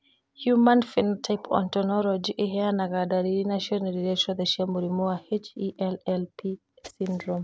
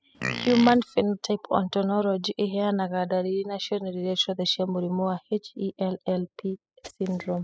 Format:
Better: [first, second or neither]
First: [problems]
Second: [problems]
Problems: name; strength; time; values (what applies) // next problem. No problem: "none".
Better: first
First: none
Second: noise reduction (classical method spectral subtraction)